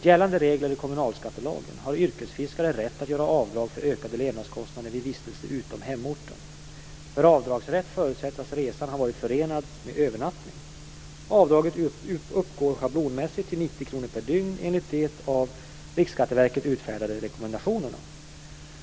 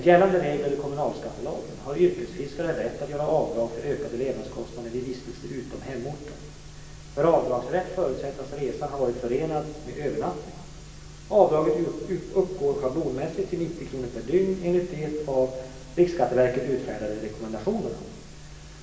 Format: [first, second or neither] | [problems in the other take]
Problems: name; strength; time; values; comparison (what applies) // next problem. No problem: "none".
first | room echo; dies away in 1.1 s